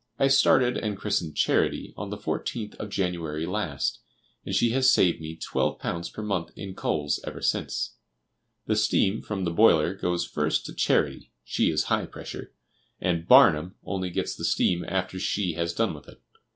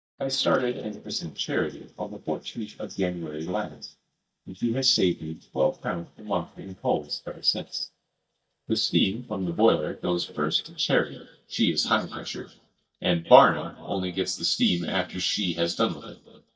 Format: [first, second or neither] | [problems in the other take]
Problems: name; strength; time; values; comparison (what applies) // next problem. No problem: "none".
first | noise reduction (neural mask model DeepFilterNet 3)